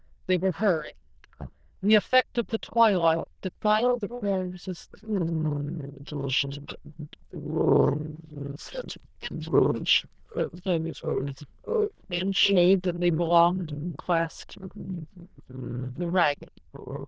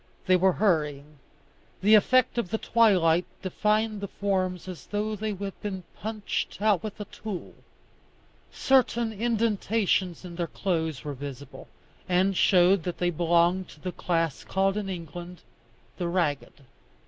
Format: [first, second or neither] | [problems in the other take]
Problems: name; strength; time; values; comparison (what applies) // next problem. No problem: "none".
second | noise reduction (neural diffusion model UNIVERSE++)